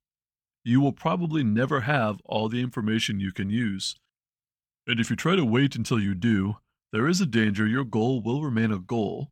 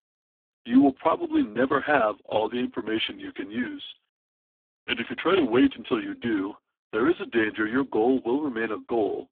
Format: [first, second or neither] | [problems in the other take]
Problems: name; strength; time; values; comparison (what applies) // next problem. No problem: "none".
first | phone-call audio; poor line